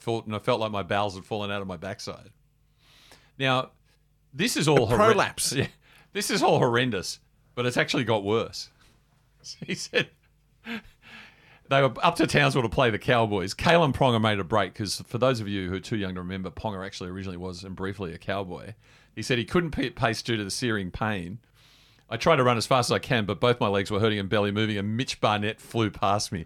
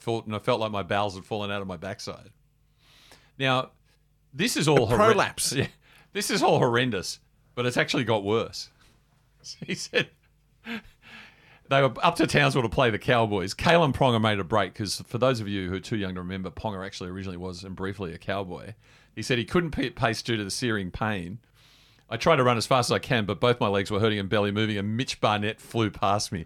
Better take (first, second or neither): neither